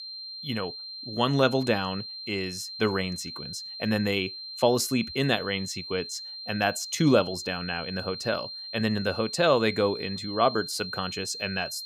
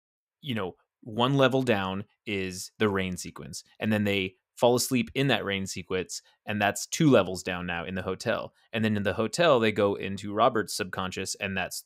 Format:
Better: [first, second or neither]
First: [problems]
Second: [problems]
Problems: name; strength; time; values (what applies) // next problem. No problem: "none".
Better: second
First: high-pitched whine; loud; throughout; 4 kHz, 9 dB below the speech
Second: none